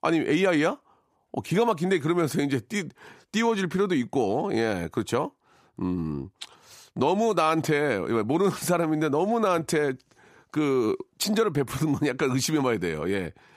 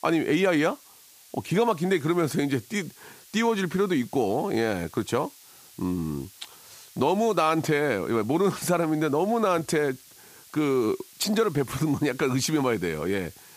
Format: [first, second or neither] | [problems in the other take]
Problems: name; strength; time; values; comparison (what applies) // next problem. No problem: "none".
first | hiss; faint; throughout; 25 dB below the speech